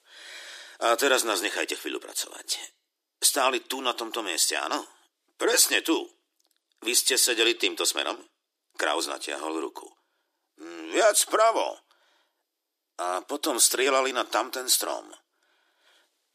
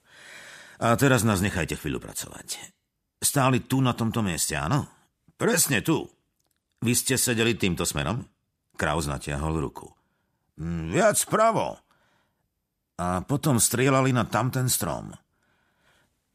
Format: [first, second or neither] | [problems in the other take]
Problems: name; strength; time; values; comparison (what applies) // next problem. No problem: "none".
second | thin; very; fading below 300 Hz